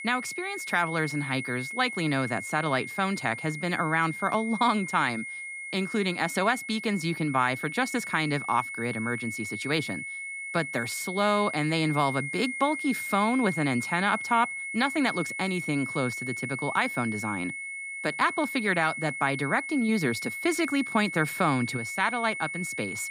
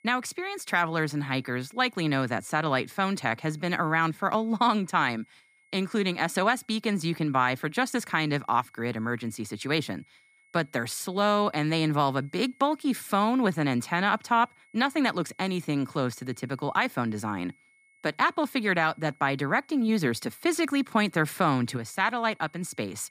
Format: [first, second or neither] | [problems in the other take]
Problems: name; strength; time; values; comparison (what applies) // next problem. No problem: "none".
second | high-pitched whine; loud; throughout; 2 kHz, 6 dB below the speech; faint in the second